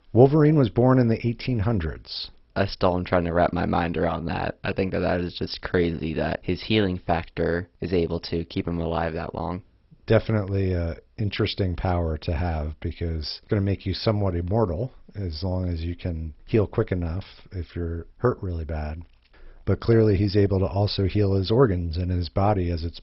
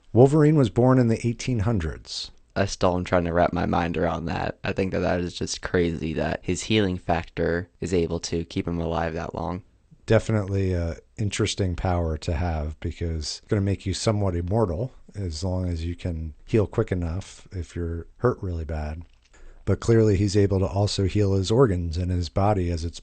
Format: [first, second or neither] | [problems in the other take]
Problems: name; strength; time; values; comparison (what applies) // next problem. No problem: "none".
second | garbled, watery; badly; nothing above 5.5 kHz; slightly in the second